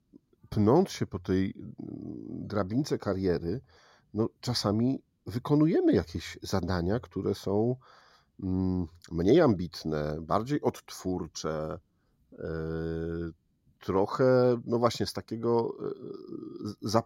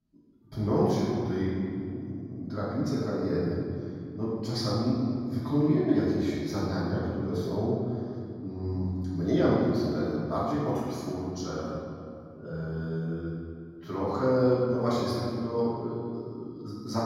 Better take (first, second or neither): first